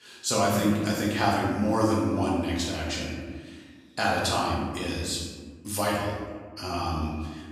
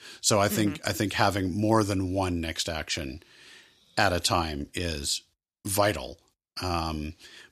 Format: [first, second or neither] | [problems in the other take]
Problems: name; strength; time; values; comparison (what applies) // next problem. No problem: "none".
second | room echo; noticeable; dies away in 1.4 s // off-mic speech; far